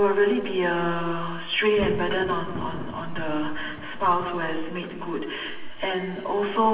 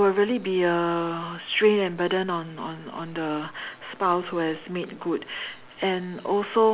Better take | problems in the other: second | background sound (Thunder); 17 dB below the speech // room echo; dies away in 1.4 s

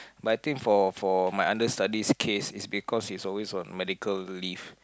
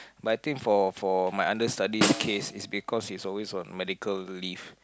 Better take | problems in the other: first | background sound (Snare drum); 4 dB below the speech

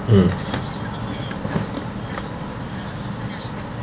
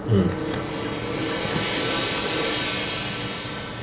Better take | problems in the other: first | background sound (Gong); 1 dB above the speech

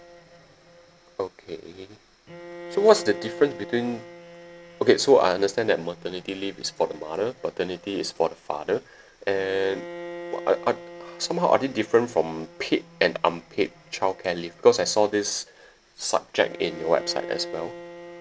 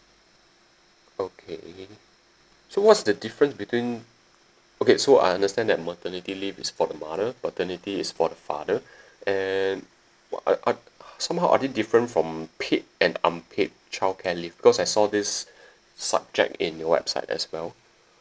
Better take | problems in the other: second | background sound (Bowed string instrument); 16 dB below the speech

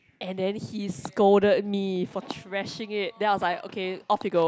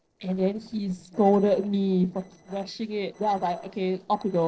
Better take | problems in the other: first | noise reduction (neural separator model SepFormer DNS4)

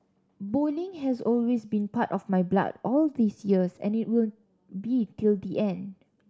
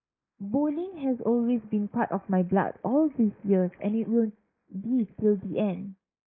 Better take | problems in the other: first | noise reduction (neural mask model Resemble Enhance denoiser)

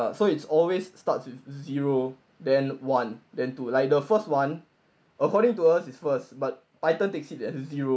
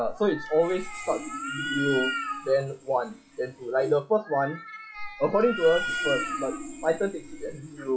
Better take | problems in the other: first | noise reduction (classical method log-MMSE)

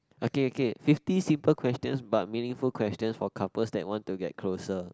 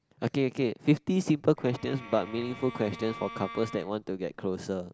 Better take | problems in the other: first | background sound (Bowed string instrument); 16 dB below the speech

